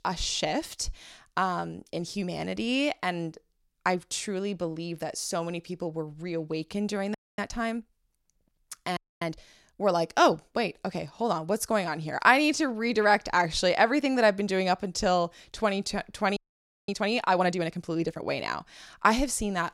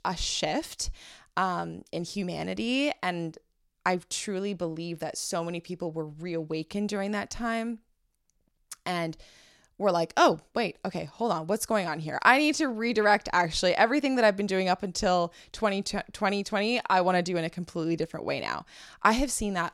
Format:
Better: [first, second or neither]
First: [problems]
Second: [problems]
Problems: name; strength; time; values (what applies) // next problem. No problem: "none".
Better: second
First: audio freezing; at 7 s, at 9 s and at 16 s for 0.5 s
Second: none